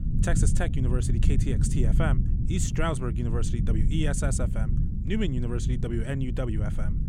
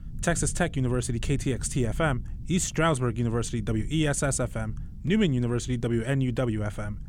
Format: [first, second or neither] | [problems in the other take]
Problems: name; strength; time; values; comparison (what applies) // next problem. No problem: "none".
second | low rumble; loud; throughout; 6 dB below the speech; faint in the second